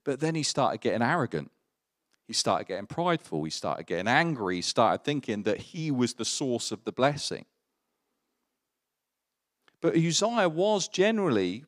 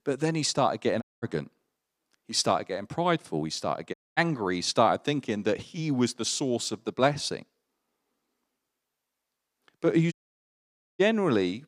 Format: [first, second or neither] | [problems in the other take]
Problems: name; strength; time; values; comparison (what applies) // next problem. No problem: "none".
first | audio cutting out; at 1 s, at 4 s and at 10 s for 1 s